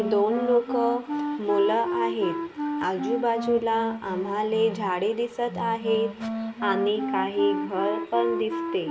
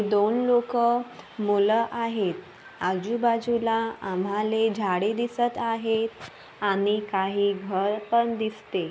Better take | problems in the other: second | background sound (Wind instrument, woodwind instrument); 5 dB below the speech // room echo; dies away in 0.5 s

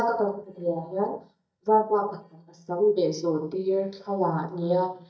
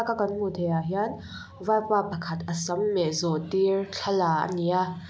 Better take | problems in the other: second | noise reduction (neural mask model DeepFilterNet 3)

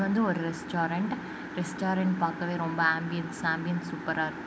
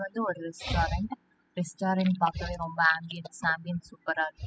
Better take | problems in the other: first | noise reduction (classical method spectral subtraction)

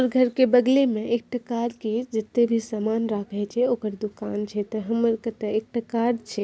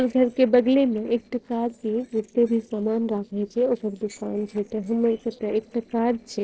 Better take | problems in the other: first | noise reduction (neural separator model SepFormer DNS4)

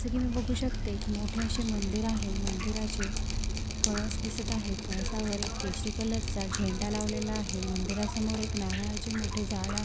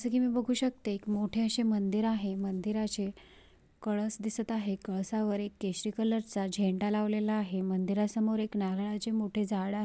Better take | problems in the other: second | background sound (Drip); 2 dB above the speech

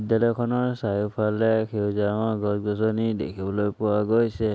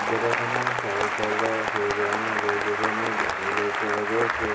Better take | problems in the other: first | background sound (Applause / Cheering); 3 dB above the speech // room echo; dies away in 0.2 s

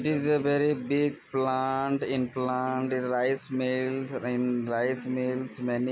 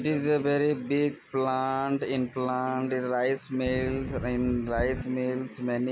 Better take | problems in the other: first | background sound (Wind); 7 dB below the speech

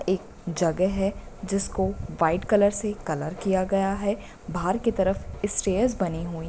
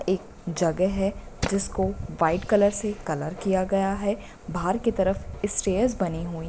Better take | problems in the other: first | background sound (Tools); 12 dB below the speech

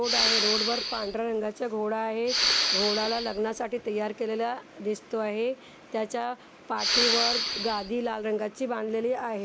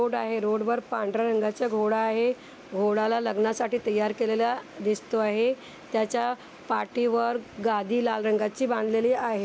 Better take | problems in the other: second | background sound (Respiratory sounds); 2 dB above the speech

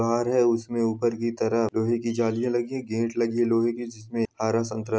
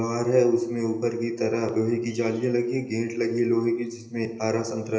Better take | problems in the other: first | room echo; dies away in 1.4 s

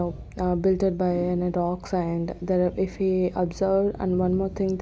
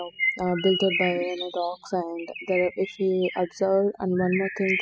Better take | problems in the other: first | noise reduction (classical method spectral subtraction)

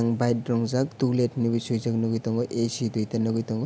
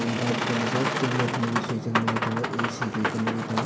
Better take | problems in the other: first | background sound (Boat, Water vehicle); as loud as the speech // room echo; dies away in 0.7 s

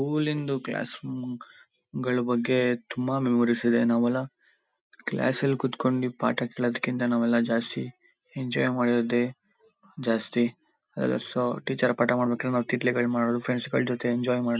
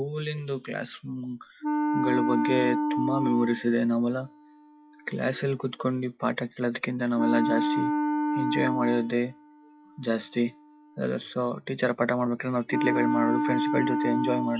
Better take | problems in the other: first | noise reduction (classical method log-MMSE)

